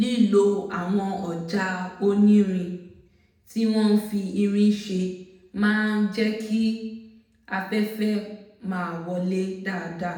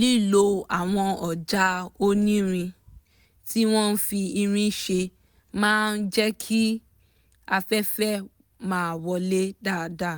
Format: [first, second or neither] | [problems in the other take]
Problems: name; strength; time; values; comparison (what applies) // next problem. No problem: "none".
second | room echo; dies away in 0.8 s